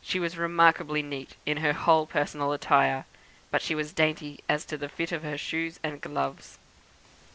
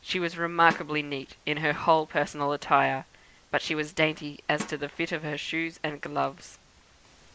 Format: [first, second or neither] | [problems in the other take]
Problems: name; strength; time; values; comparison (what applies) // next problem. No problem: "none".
first | background sound (Drum); 16 dB below the speech